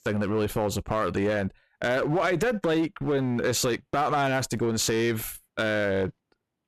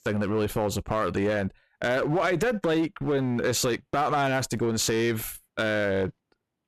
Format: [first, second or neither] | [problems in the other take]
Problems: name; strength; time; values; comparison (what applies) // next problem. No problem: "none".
neither | distortion; slight; 8% of the sound clipped; the same in both